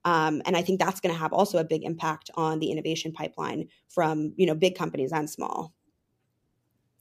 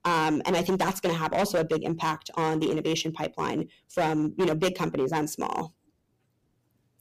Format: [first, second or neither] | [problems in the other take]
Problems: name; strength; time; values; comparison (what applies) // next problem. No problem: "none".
first | distortion; heavy; 9% of the sound clipped